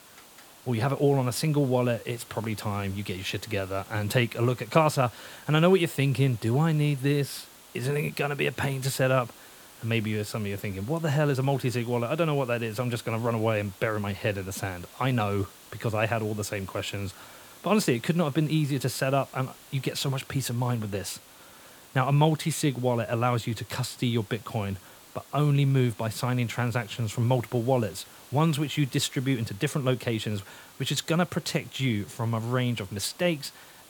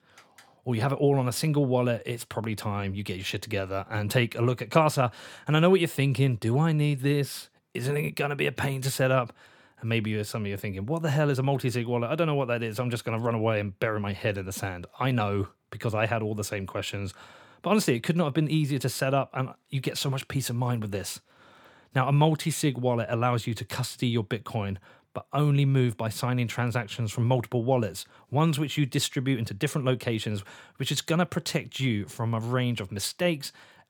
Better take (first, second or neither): second